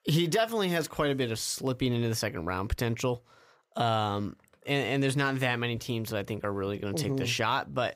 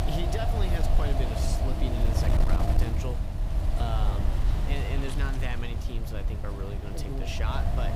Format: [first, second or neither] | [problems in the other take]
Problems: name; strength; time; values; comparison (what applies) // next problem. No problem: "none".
first | wind noise on the microphone; heavy; as loud as the speech